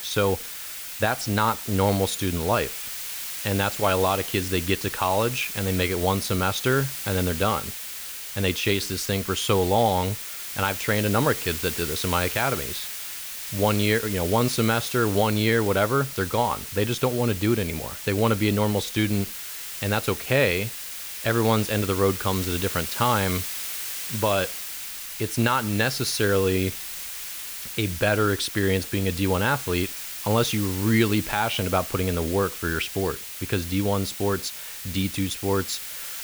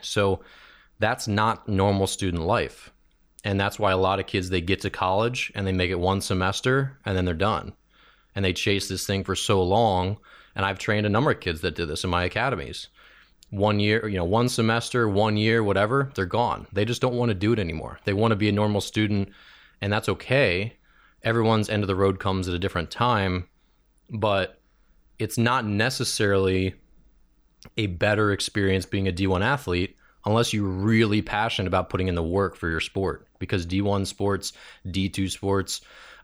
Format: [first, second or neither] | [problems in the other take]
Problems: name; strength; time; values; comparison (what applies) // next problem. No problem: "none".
second | hiss; loud; throughout; 7 dB below the speech